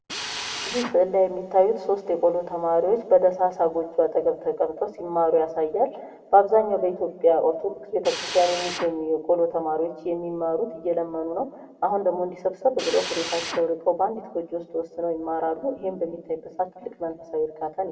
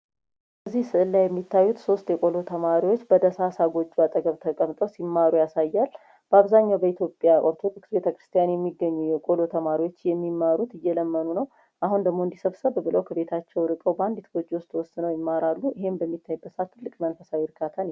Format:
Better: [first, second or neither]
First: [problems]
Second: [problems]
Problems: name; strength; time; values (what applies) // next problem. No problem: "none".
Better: second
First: background sound (Drill); 10 dB below the speech // room echo; dies away in 1.2 s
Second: none